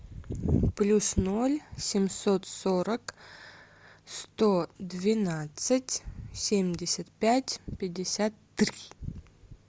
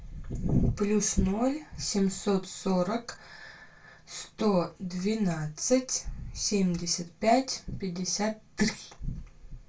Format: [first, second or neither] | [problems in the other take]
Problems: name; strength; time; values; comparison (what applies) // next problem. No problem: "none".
first | room echo; dies away in 0.2 s